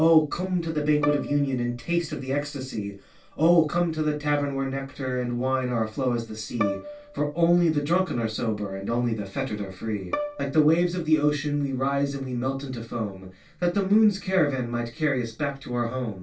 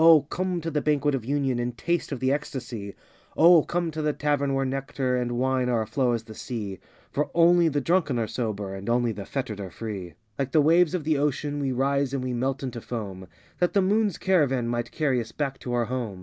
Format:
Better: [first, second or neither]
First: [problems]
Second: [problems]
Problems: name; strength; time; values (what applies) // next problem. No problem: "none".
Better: second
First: background sound (Bowed string instrument); 14 dB below the speech // room echo; dies away in 0.2 s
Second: none